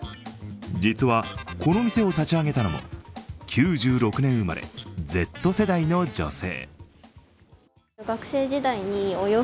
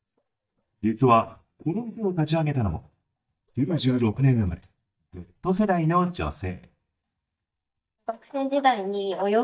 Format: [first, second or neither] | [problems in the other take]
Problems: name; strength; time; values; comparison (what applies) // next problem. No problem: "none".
first | noise reduction (neural mask model DeepFilterNet 3)